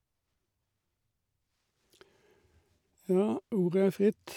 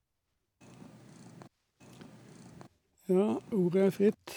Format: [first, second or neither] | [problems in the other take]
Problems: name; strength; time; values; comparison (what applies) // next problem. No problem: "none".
first | background sound (Purr); 19 dB below the speech